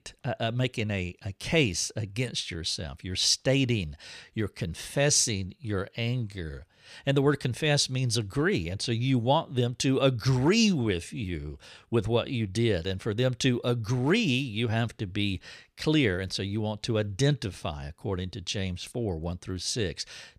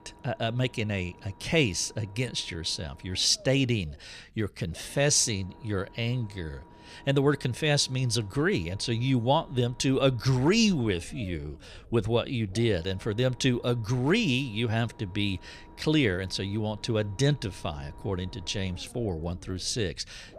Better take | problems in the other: first | low rumble; faint; throughout; 25 dB below the speech

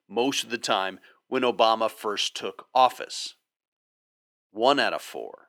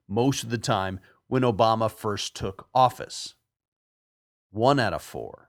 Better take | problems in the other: second | thin; very slightly; fading below 300 Hz

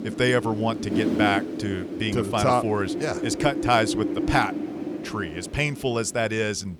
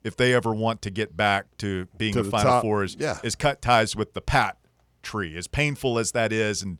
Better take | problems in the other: second | wind noise on the microphone; heavy; 8 dB below the speech

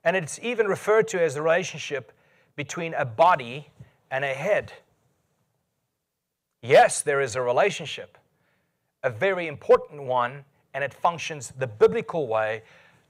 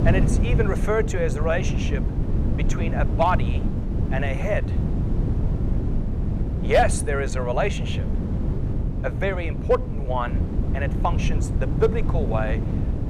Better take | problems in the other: first | wind noise on the microphone; heavy; 10 dB below the speech

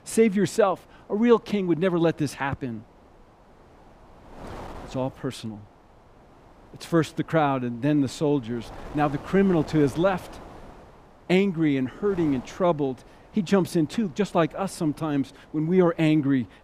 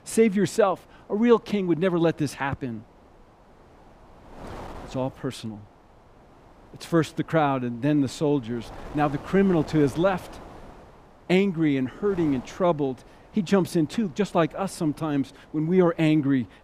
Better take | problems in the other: neither | wind noise on the microphone; occasional gusts; 20 dB below the speech; the same in both

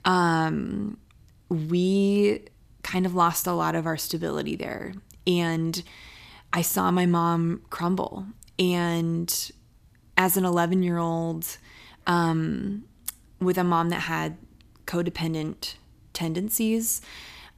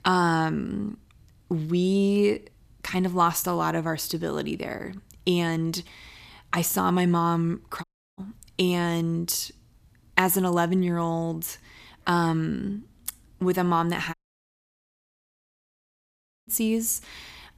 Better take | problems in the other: first | audio cutting out; at 8 s and at 14 s for 2.5 s

